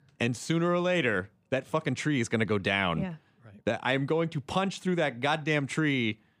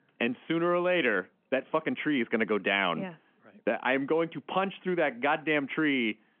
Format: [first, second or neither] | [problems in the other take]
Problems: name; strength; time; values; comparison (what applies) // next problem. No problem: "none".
first | phone-call audio; nothing above 3 kHz